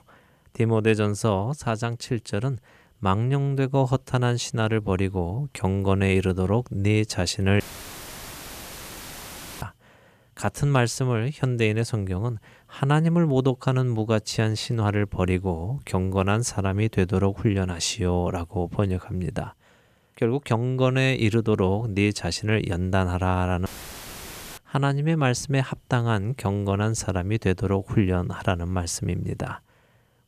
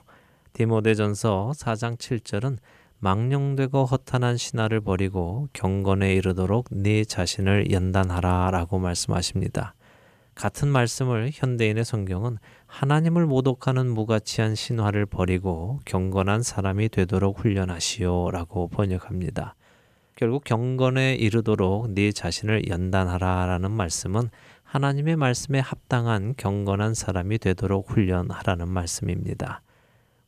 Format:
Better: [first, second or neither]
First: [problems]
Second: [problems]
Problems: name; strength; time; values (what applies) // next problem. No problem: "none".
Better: second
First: audio cutting out; filled with static; at 7.5 s for 2 s and at 24 s for 1 s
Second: none